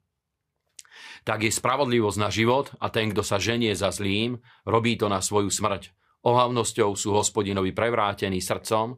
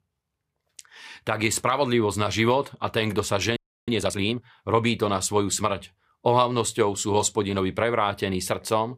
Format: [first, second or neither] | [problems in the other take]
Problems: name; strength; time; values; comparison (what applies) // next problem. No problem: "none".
first | audio freezing; at 3.5 s